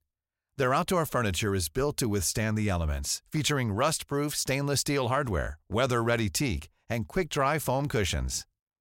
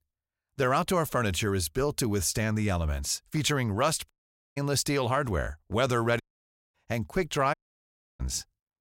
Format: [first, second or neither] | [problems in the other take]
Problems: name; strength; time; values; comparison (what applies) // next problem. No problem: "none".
first | audio cutting out; at 4 s, at 6 s for 0.5 s and at 7.5 s for 0.5 s